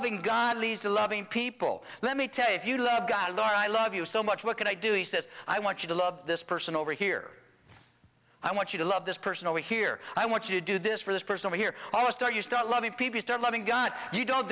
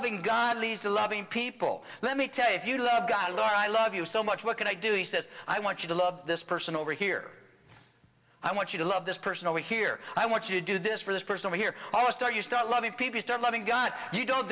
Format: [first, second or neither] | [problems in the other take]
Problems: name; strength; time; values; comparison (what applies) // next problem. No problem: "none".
first | background sound (Bowed string instrument); 18 dB below the speech // room echo; dies away in 0.3 s